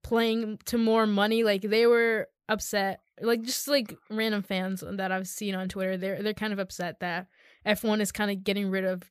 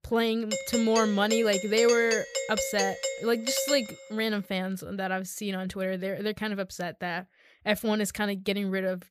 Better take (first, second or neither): first